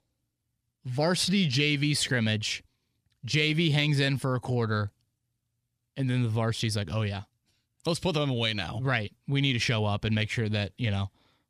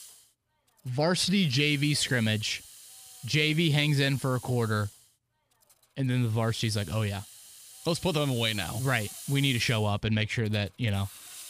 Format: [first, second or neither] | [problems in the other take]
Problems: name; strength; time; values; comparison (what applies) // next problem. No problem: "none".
first | hiss; noticeable; throughout; 15 dB below the speech